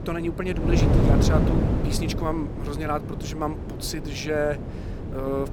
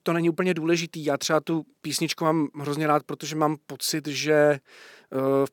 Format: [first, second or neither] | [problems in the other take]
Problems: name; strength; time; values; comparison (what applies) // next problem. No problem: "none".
second | wind noise on the microphone; heavy; 3 dB below the speech